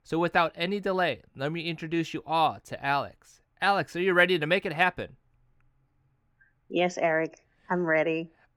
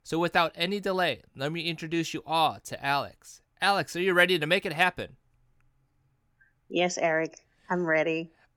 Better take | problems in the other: second | muffled; very slightly; fading above 3.5 kHz

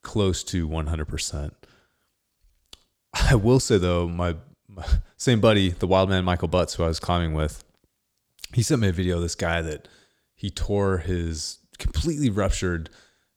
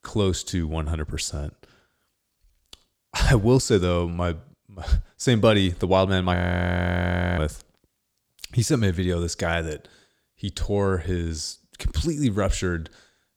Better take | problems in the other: first | audio freezing; at 6.5 s for 1 s

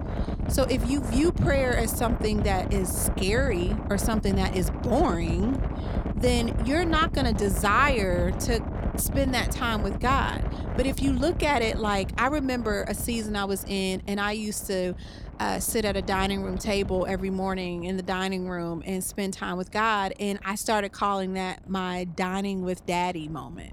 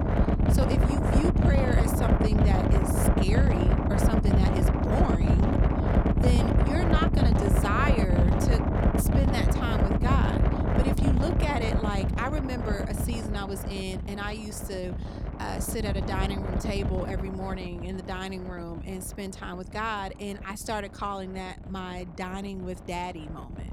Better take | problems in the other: first | wind noise on the microphone; heavy; 2 dB above the speech; occasional gusts in the first

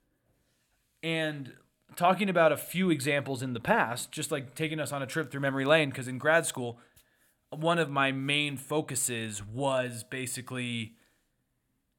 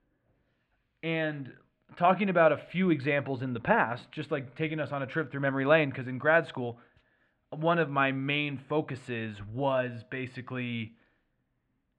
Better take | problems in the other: first | muffled; very; fading above 2.5 kHz

